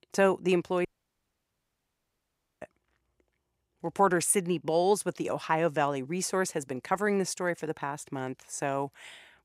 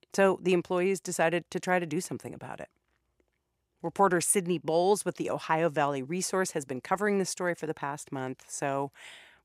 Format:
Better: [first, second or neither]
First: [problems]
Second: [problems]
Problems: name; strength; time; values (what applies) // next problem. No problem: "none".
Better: second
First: audio cutting out; at 1 s for 2 s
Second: none